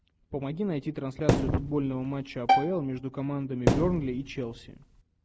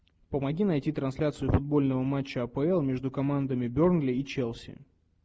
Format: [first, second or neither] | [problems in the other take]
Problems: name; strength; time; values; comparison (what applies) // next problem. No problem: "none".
second | background sound (Thump, thud + Bowed string instrument); 2 dB above the speech